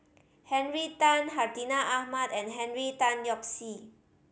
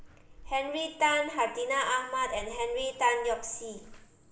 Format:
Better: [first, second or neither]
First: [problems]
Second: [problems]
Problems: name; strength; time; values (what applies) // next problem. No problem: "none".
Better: first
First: none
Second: background sound (Bathtub (filling or washing)); 18 dB below the speech // room echo; dies away in 1 s